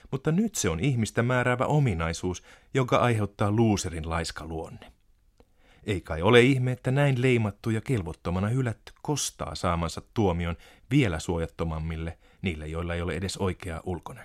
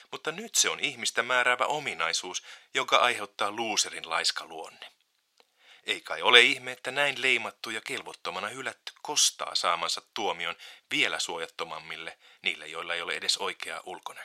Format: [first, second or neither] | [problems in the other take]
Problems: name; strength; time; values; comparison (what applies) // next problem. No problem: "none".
first | thin; very; fading below 750 Hz